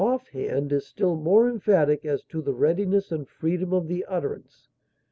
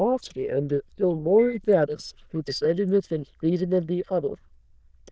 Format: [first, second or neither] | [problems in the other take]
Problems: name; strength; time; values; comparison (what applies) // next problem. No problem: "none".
first | noise reduction (neural diffusion model UNIVERSE++)